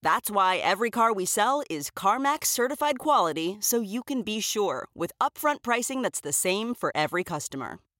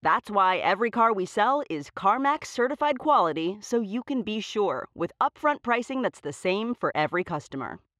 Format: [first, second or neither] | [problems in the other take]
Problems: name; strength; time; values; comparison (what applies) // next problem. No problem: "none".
first | muffled; slightly; fading above 2.5 kHz